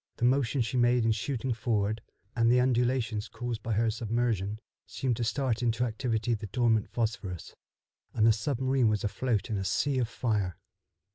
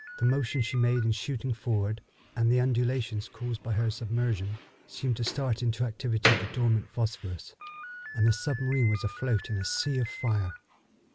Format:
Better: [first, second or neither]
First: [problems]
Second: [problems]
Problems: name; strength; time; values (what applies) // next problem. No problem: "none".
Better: first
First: none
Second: background sound (Slam); 11 dB below the speech